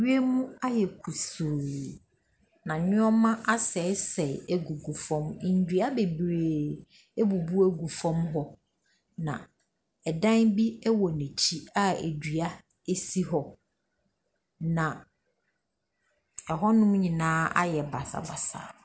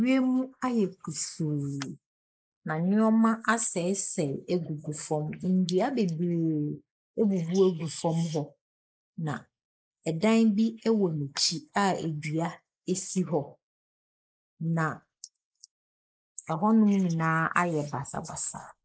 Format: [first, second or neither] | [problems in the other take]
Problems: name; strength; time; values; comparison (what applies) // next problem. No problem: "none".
first | noise reduction (neural mask model Resemble Enhance denoiser)